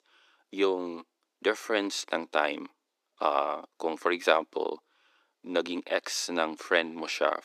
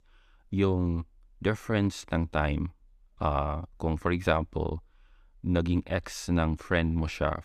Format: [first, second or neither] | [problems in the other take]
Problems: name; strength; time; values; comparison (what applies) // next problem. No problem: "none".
second | thin; very; fading below 300 Hz